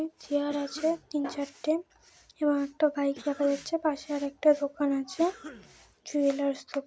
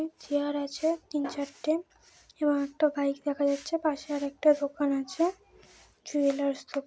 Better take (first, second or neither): second